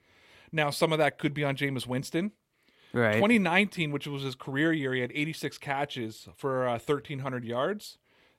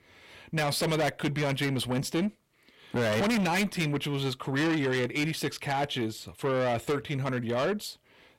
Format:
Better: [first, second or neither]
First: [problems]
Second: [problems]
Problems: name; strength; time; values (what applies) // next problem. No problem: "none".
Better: first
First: none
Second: distortion; heavy; 6 dB below the speech